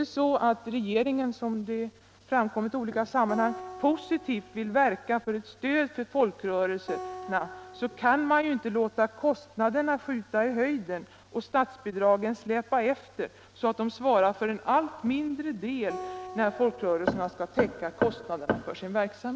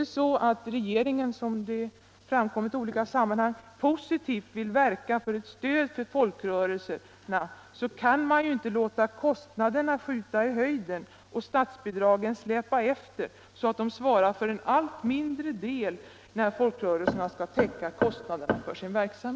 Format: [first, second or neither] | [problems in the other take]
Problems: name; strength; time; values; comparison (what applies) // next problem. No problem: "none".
second | background sound (Acoustic guitar); 16 dB below the speech